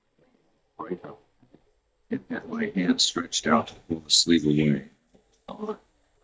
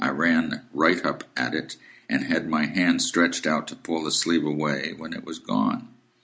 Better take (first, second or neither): second